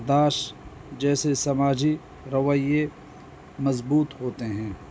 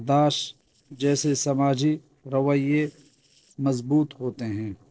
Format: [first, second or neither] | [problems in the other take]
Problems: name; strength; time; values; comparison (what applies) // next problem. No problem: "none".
first | noise reduction (neural separator model SepFormer DNS4)